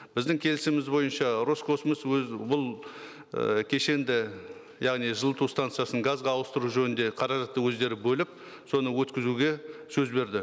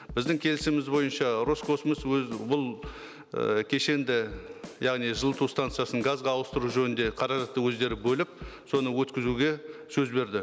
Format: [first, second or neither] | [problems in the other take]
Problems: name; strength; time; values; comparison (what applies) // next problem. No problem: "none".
first | background sound (Drum kit); 19 dB below the speech